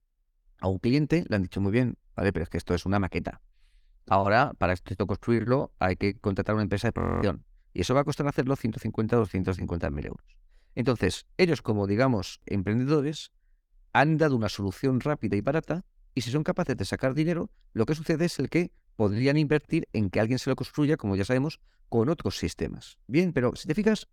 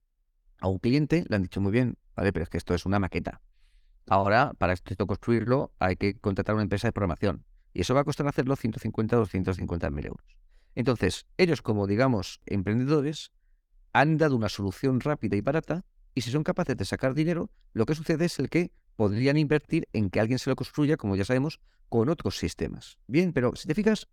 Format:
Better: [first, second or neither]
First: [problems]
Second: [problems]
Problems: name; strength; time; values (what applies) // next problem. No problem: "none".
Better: second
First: audio freezing; at 7 s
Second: none